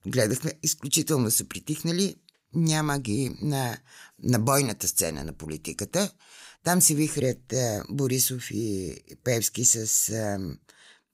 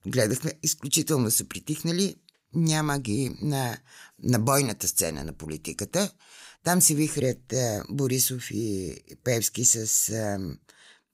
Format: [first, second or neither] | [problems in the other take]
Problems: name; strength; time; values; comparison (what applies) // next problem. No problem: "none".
neither | none